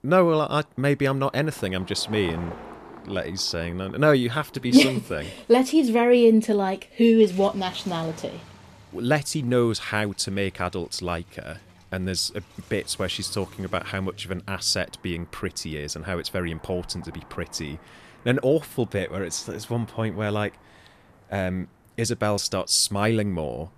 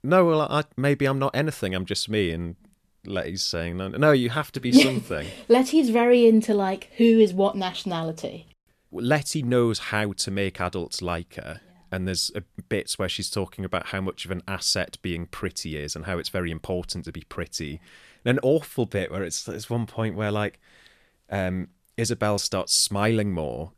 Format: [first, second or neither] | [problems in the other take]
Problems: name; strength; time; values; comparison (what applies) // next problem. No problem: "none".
second | traffic noise; faint; throughout; 25 dB below the speech